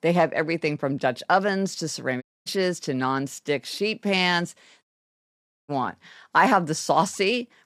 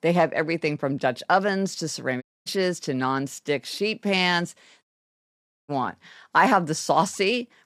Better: neither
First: audio cutting out; at 2 s and at 5 s for 1 s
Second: audio cutting out; at 2 s and at 5 s for 1 s

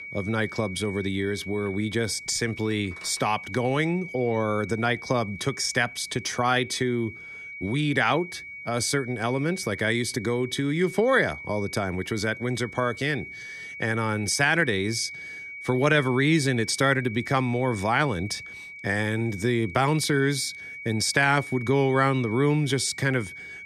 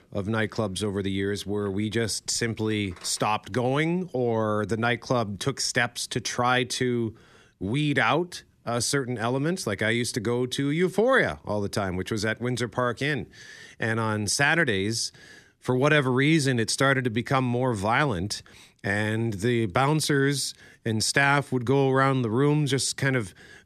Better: second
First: high-pitched whine; noticeable; throughout; 2.5 kHz, 10 dB below the speech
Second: none

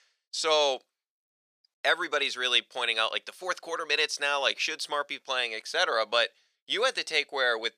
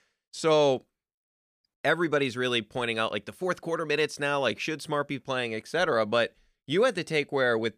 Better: second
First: thin; very; fading below 700 Hz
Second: none

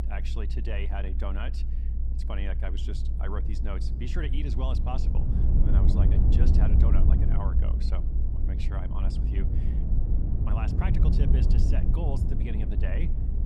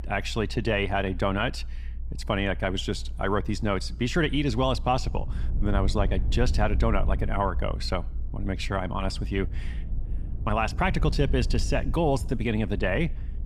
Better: second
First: low rumble; loud; throughout; 1 dB below the speech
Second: low rumble; faint; throughout; 20 dB below the speech

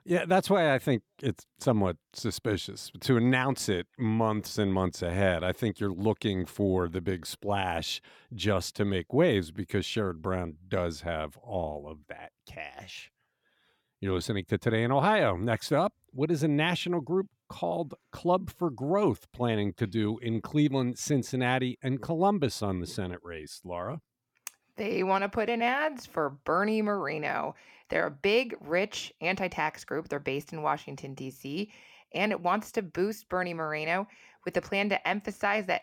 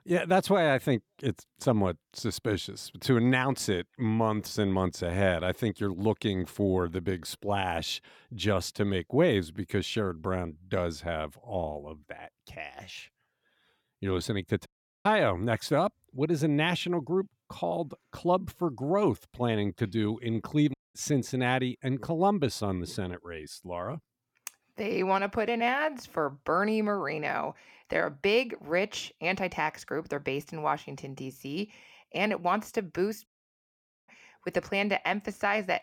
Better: first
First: none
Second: audio cutting out; at 15 s, at 21 s and at 33 s for 1 s

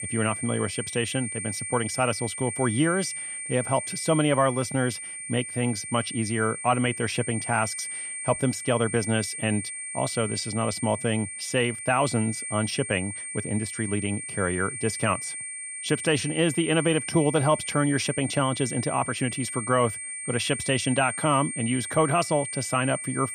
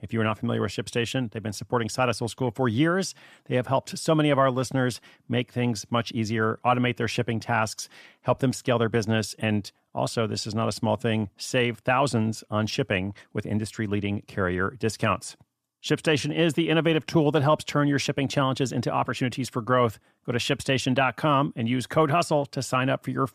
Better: second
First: high-pitched whine; loud; throughout; 8.5 kHz, 6 dB below the speech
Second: none

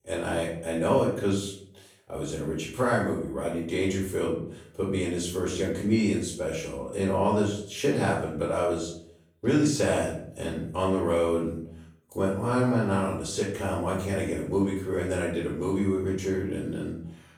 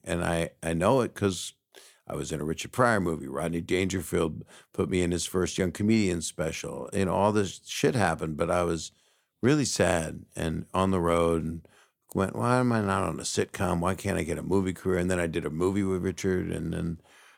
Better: second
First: off-mic speech; far // room echo; noticeable; dies away in 0.5 s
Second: none

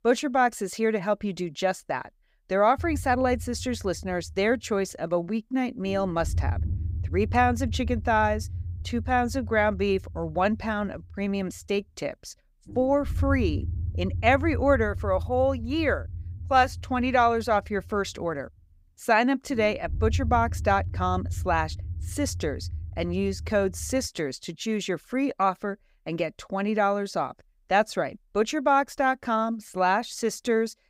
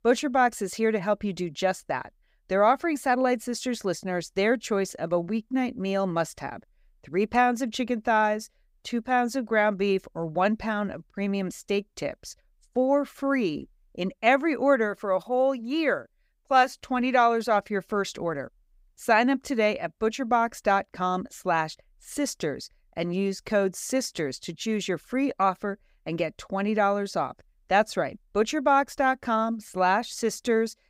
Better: second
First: low rumble; faint; from 3 to 24 s; 25 dB below the speech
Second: none

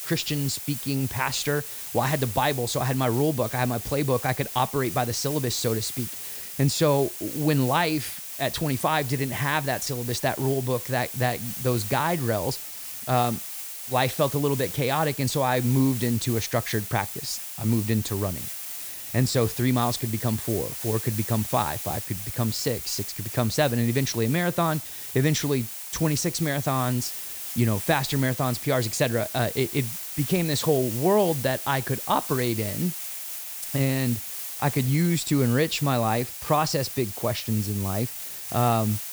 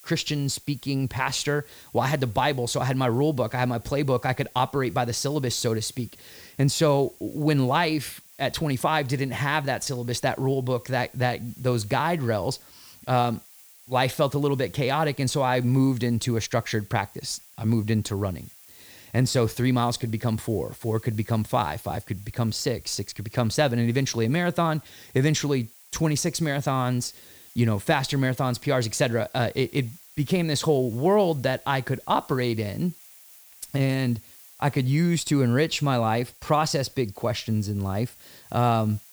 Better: second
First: hiss; loud; throughout; 7 dB below the speech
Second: hiss; faint; throughout; 20 dB below the speech

